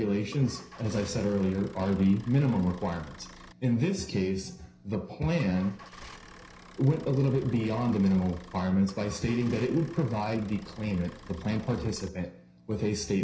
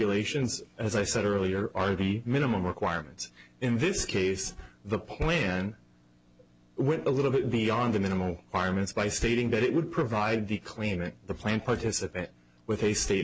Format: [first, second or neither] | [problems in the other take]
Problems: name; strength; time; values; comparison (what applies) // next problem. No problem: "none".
second | background sound (Idling / Engine starting / Motor vehicle (road)); 20 dB below the speech // room echo; dies away in 0.5 s